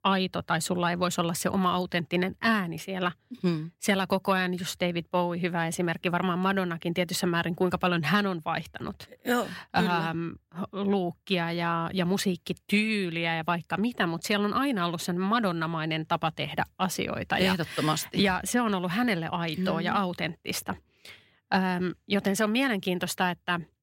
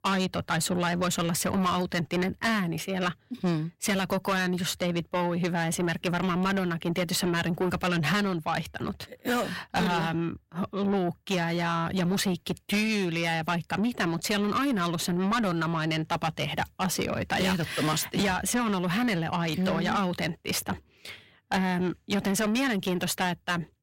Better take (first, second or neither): first